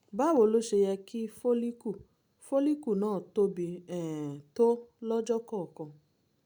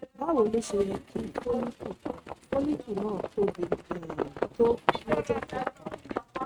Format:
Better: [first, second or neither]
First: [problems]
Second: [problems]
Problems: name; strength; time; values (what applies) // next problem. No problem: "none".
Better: first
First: none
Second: noise reduction (neural mask model RNNoise)